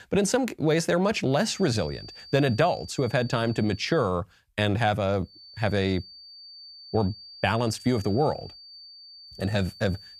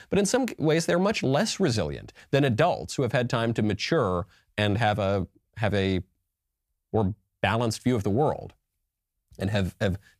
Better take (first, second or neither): second